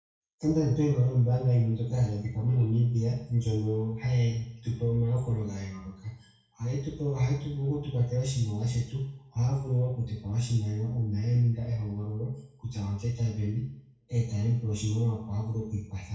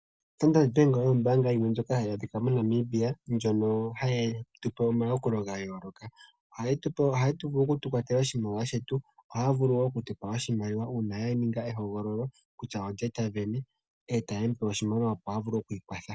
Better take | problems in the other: second | room echo; dies away in 0.6 s

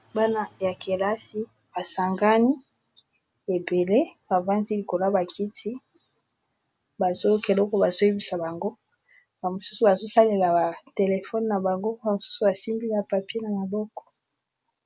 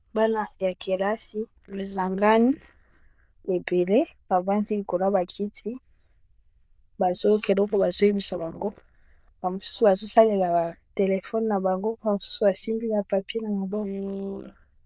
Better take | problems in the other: first | noise reduction (neural diffusion model UNIVERSE++)

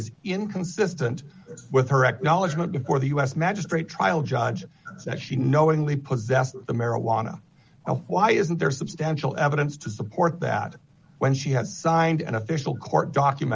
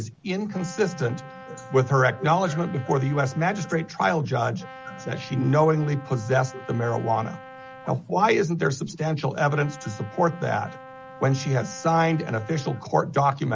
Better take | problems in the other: first | background sound (Brass instrument); 18 dB below the speech

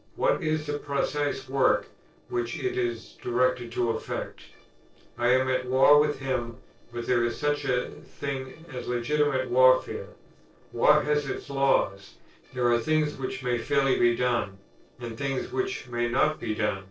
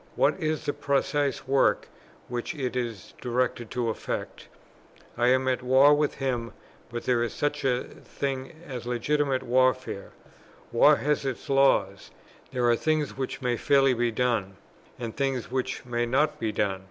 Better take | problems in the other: second | noise reduction (neural separator model SepFormer DNS4)

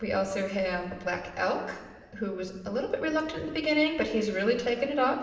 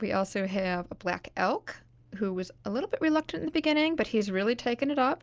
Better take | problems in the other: second | room echo; dies away in 1.2 s

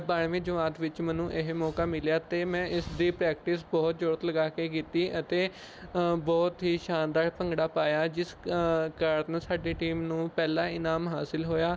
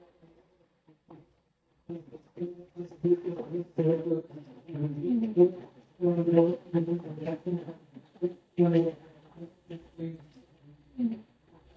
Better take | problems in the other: first | noise reduction (neural mask model DeepFilterNet 3)

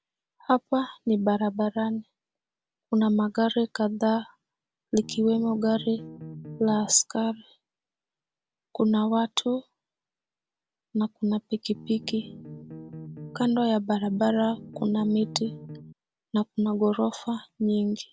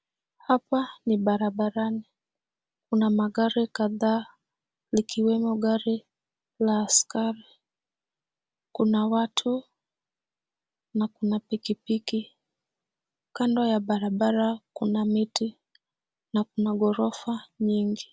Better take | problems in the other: second | background sound (Bass guitar); 14 dB below the speech

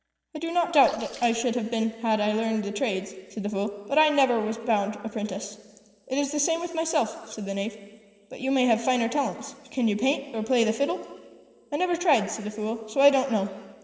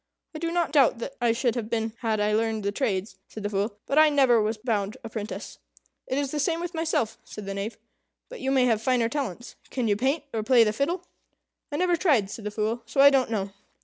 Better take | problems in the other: second | noise reduction (neural separator model SepFormer DNS4)

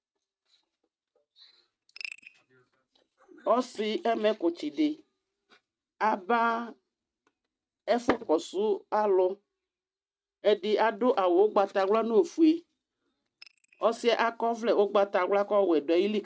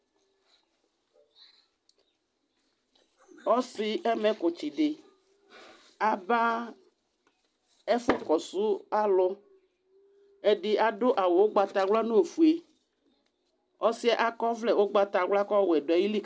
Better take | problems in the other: second | noise reduction (neural mask model RNNoise)

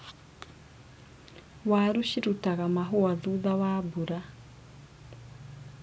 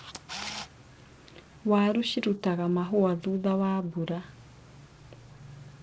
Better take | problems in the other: first | noise reduction (neural separator model SepFormer DNS4)

